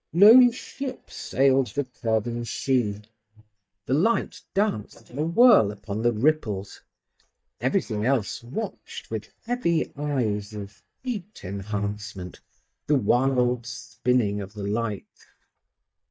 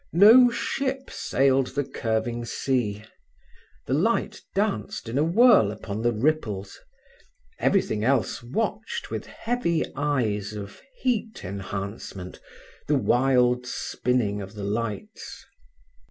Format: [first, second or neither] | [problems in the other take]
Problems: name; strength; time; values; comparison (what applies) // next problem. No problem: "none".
second | noise reduction (neural mask model DeepFilterNet 3)